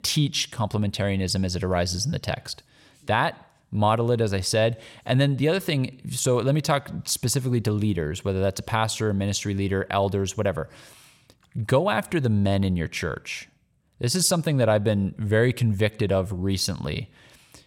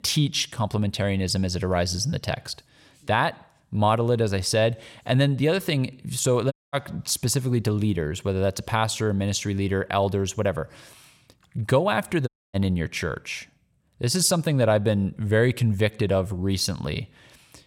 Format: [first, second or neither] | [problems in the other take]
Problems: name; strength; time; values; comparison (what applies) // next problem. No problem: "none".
first | audio cutting out; at 6.5 s and at 12 s